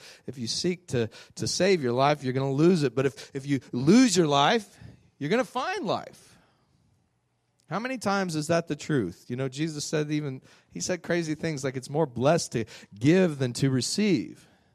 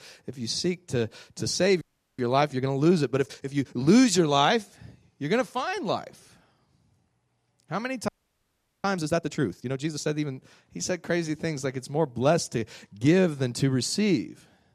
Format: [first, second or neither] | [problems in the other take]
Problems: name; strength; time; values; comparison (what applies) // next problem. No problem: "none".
first | audio freezing; at 2 s and at 8 s for 1 s